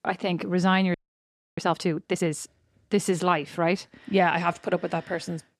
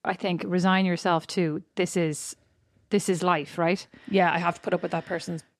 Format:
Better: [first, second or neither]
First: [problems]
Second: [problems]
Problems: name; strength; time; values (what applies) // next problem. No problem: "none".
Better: second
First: audio freezing; at 1 s for 0.5 s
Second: none